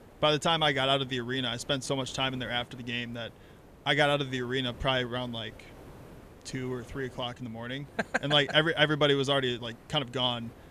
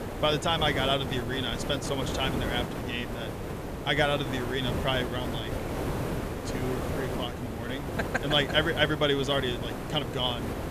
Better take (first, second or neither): first